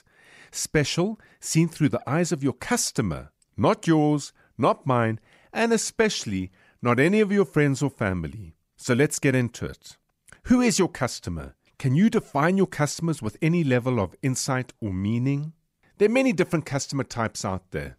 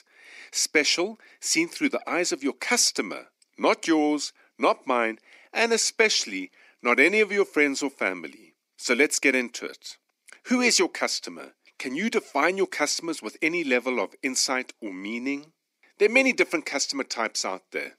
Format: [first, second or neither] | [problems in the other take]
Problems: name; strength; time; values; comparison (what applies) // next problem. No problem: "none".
first | thin; very slightly; fading below 250 Hz